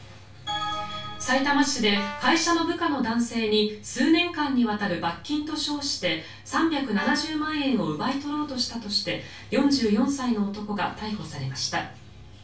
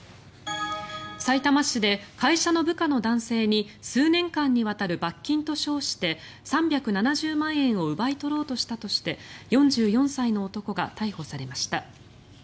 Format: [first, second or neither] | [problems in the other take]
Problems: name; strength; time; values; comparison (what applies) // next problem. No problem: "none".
second | background sound (Brass instrument); 13 dB below the speech // room echo; dies away in 0.3 s